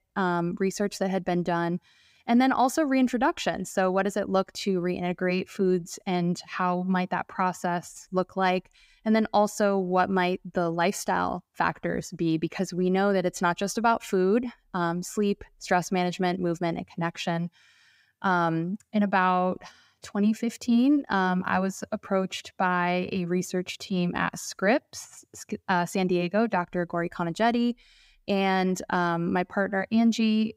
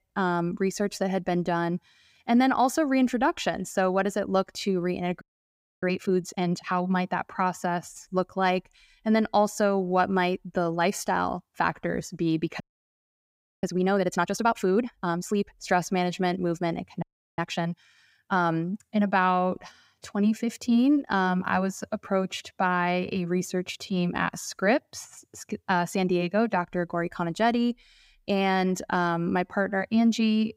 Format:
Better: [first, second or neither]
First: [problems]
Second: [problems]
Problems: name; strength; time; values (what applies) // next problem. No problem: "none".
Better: first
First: none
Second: audio freezing; at 5 s for 0.5 s, at 13 s for 1 s and at 17 s